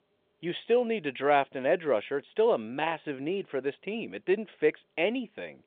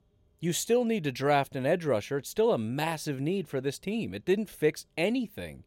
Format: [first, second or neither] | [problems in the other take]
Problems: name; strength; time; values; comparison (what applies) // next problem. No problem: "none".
second | phone-call audio